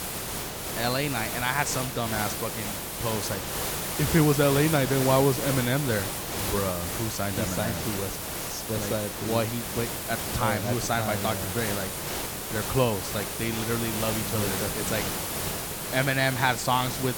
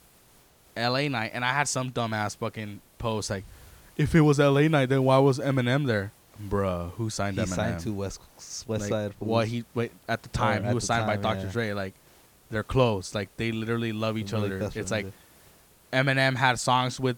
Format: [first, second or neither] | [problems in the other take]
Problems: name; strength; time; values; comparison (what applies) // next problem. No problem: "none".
second | hiss; loud; throughout; 3 dB below the speech; faint in the second